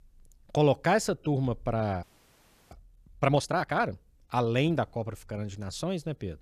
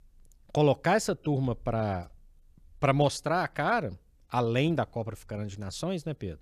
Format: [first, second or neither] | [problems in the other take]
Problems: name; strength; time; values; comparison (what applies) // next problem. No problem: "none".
second | audio freezing; at 2 s for 0.5 s